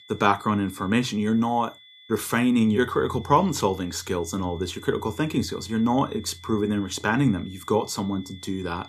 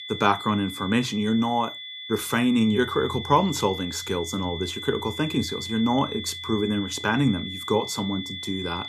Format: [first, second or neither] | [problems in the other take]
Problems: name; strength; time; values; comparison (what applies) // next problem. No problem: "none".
first | high-pitched whine; loud; throughout; 3.5 kHz, 9 dB below the speech; faint in the first